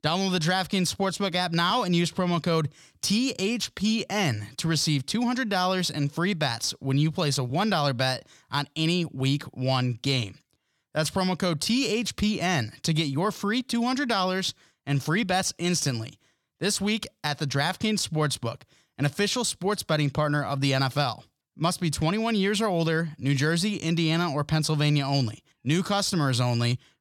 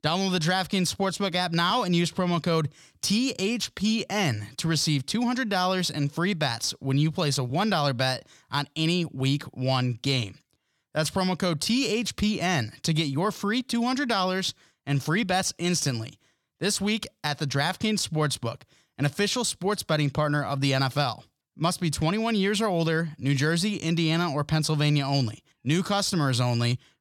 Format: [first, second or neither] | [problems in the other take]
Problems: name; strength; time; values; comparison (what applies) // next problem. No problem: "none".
neither | none